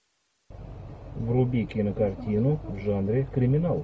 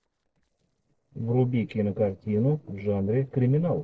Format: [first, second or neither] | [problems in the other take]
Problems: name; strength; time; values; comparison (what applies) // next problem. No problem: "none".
first | noise reduction (neural separator model SepFormer DNS4)